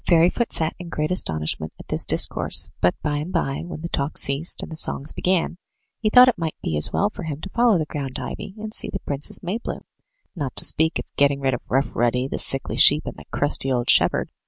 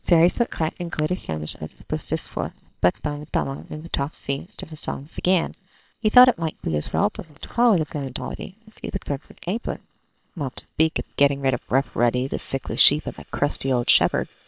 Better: first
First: none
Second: noise reduction (neural separator model SepFormer WHAM!)

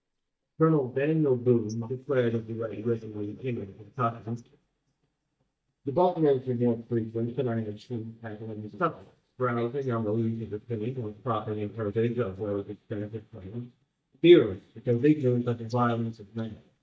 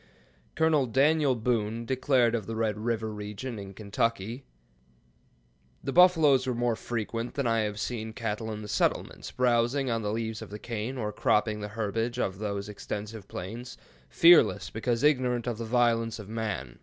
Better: second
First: noise reduction (neural mask model DeepFilterNet 3)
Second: none

